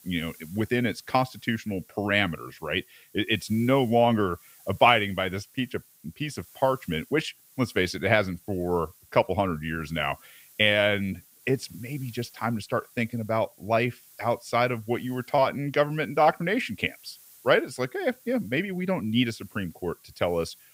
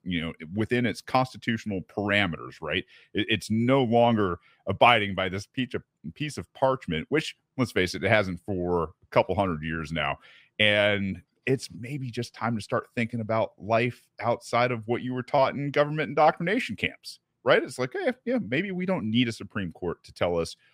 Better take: second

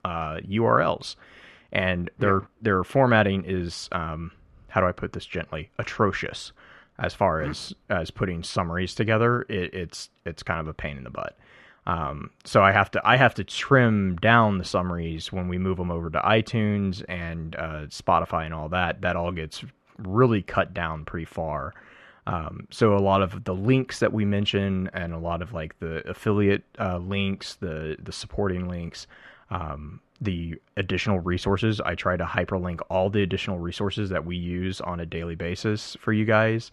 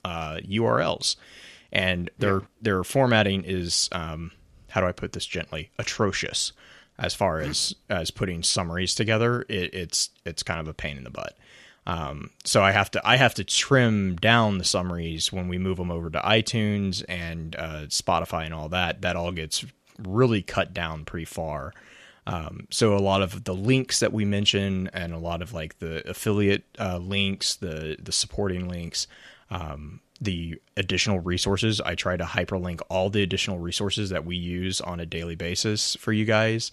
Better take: second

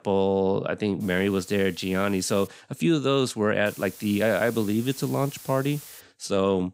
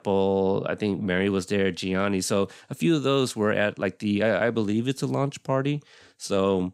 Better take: second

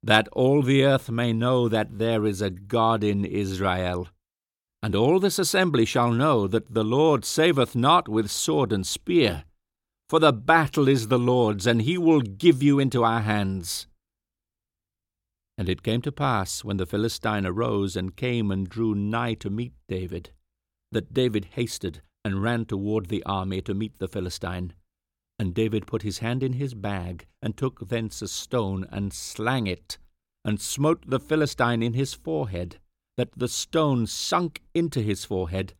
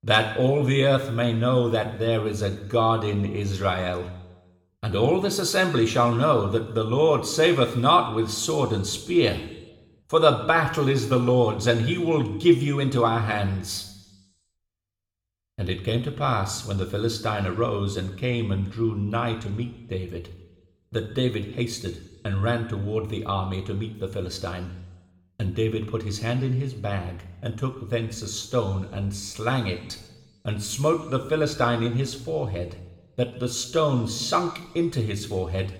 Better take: first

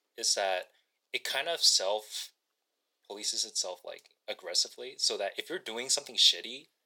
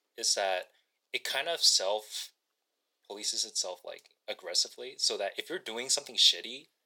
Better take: neither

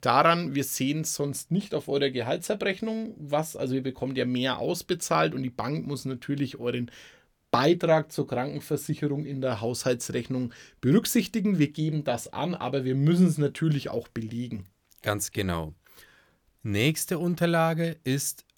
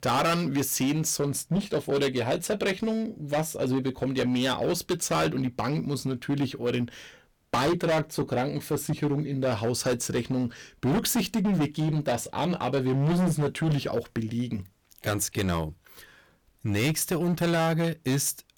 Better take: first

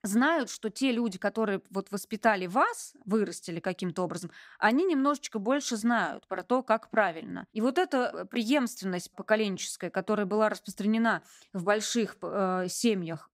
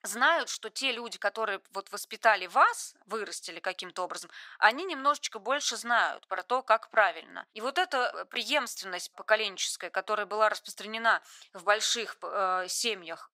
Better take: first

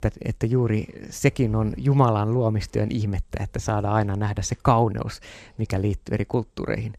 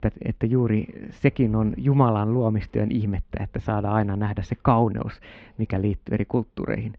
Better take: first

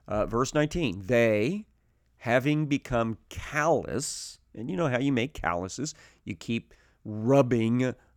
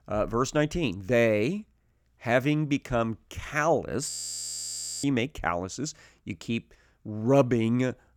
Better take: first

